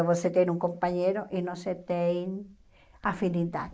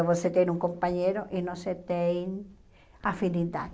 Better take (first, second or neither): second